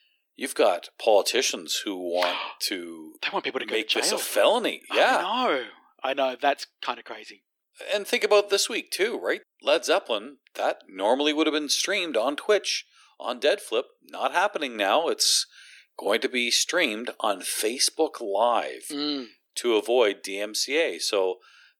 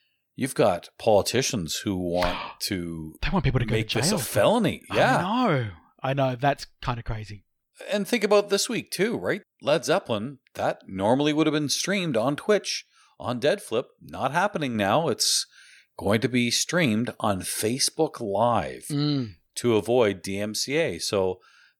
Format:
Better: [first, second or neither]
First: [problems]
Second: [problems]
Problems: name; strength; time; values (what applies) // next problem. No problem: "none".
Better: second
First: thin; somewhat; fading below 300 Hz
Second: none